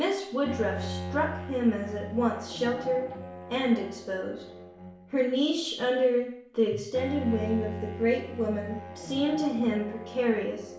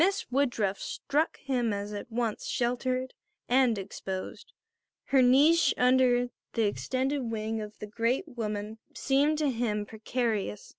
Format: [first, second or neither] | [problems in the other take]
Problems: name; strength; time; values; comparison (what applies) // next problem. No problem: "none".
second | background sound (Bowed string instrument); 11 dB below the speech // room echo; dies away in 0.6 s